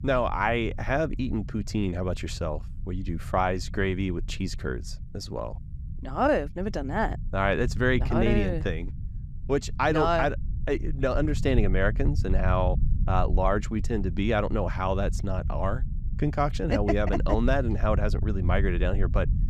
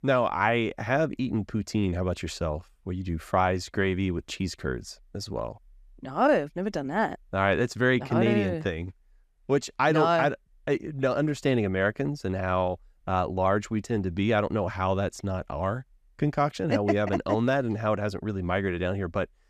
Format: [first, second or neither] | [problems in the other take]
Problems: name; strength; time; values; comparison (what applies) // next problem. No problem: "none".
second | low rumble; noticeable; throughout; 20 dB below the speech